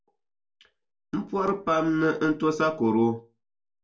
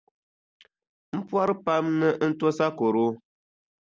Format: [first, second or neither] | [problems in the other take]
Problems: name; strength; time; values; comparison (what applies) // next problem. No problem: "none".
second | room echo; dies away in 0.2 s